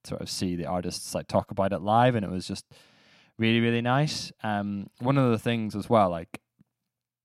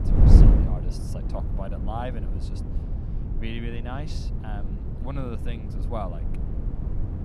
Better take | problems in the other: first | wind noise on the microphone; heavy; 1 dB below the speech

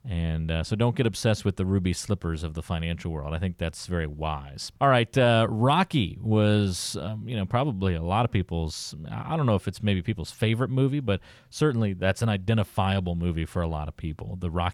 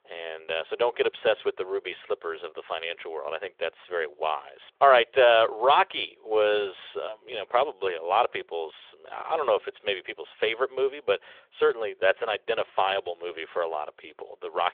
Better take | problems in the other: first | phone-call audio; nothing above 3.5 kHz

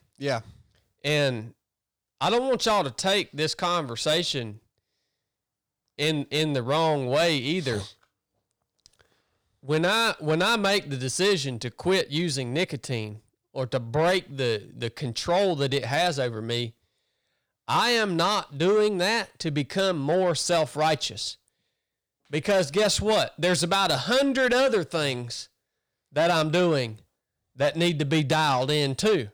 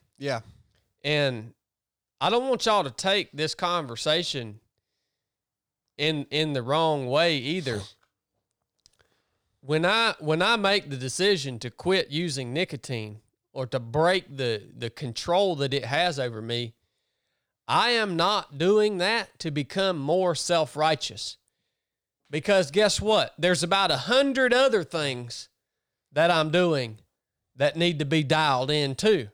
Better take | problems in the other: second | distortion; slight; 10 dB below the speech

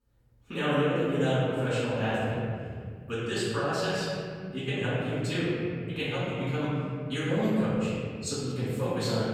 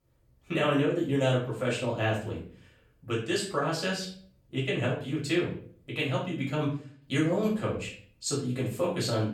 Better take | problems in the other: second | room echo; strong; dies away in 2.6 s; slight in the second // off-mic speech; far; far in the second

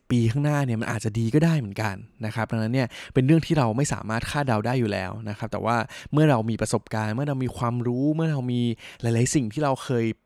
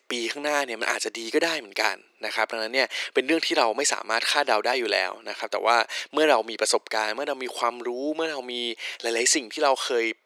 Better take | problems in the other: first | thin; very; fading below 350 Hz

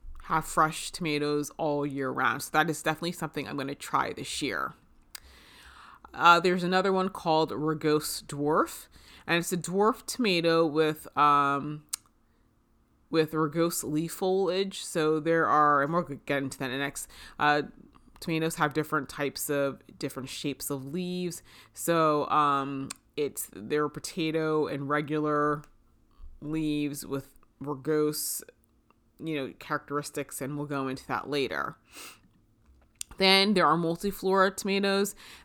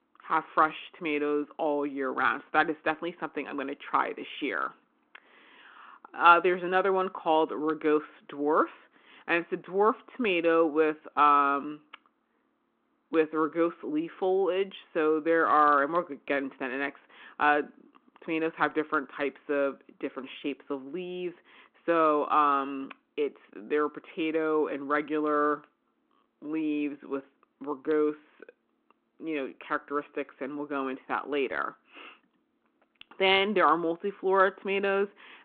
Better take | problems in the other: first | phone-call audio

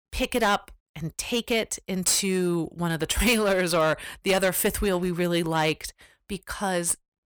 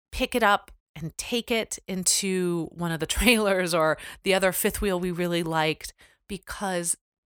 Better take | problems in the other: second | distortion; slight; 7% of the sound clipped

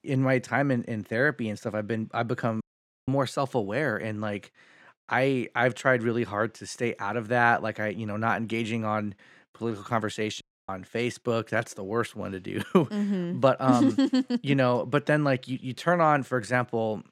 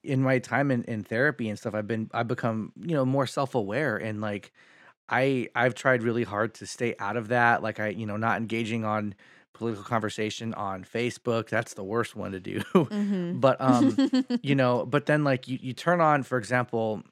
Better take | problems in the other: second | audio cutting out; at 2.5 s and at 10 s

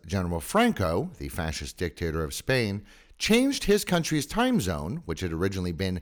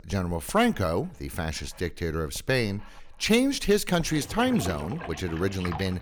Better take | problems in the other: first | household noises; noticeable; throughout; 15 dB below the speech

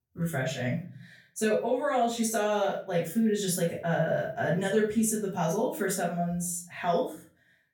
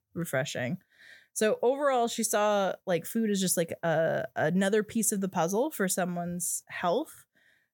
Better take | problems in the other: second | off-mic speech; far // room echo; slight; dies away in 0.4 s

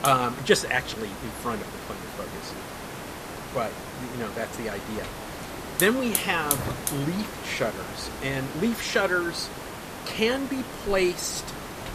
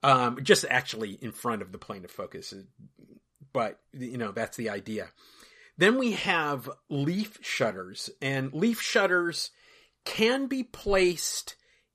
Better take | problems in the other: second | hiss; loud; throughout; 6 dB below the speech

